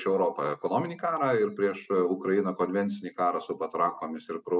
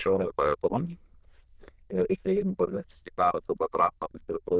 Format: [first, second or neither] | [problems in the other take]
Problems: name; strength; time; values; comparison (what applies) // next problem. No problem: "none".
first | noise reduction (neural diffusion model UNIVERSE++)